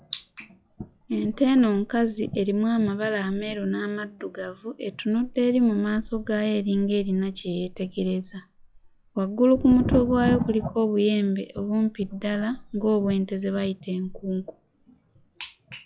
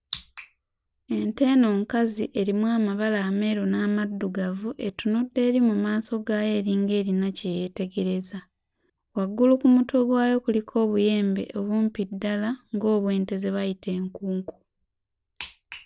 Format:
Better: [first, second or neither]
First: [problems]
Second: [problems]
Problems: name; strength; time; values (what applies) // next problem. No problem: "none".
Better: second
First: noise reduction (classical method log-MMSE)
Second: none